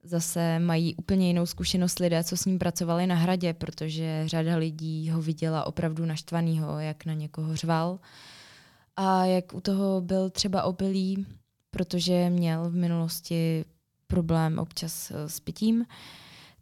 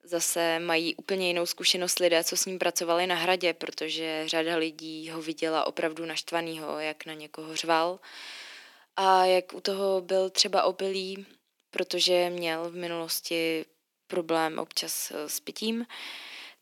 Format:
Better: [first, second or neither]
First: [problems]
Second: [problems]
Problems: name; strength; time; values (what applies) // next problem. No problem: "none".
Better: first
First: none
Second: thin; very; fading below 300 Hz